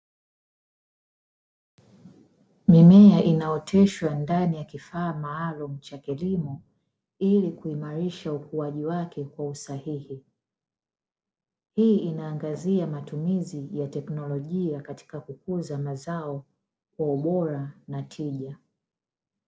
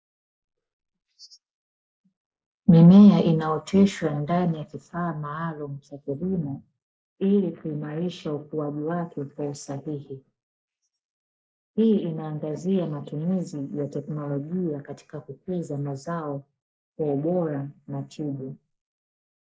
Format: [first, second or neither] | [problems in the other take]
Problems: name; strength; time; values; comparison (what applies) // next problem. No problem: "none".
first | noise reduction (neural mask model Resemble Enhance denoiser)